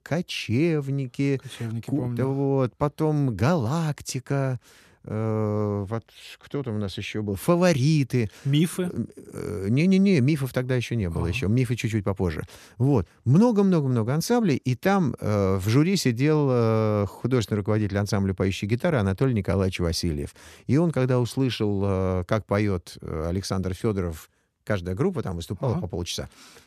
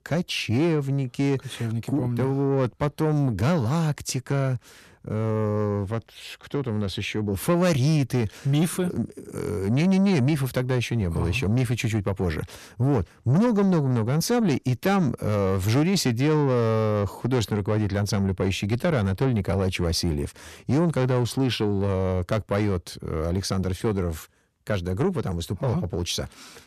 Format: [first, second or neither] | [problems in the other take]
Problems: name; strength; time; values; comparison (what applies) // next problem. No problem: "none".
first | distortion; slight; 10 dB below the speech